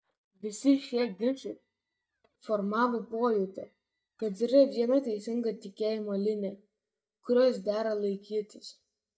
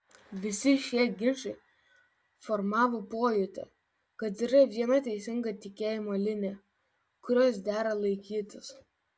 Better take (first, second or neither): second